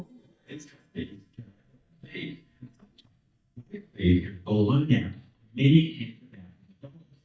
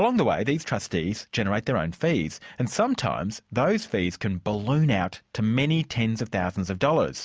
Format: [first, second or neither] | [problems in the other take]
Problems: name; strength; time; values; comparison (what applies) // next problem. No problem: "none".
second | noise reduction (neural mask model DeepFilterNet 3)